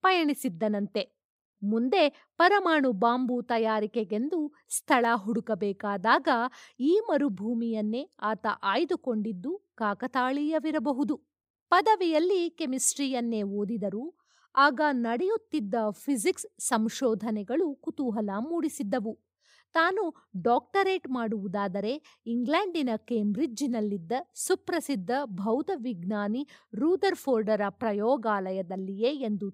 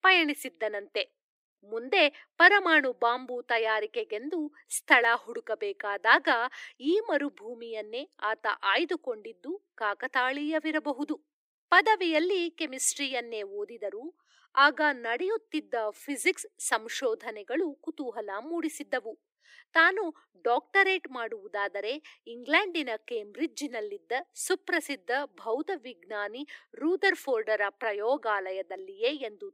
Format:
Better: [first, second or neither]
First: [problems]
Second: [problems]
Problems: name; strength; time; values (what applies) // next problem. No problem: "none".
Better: first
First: none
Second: thin; somewhat; fading below 300 Hz